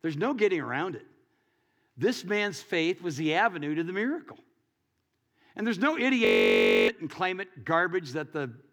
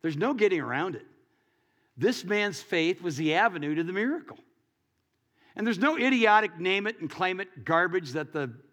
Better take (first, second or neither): second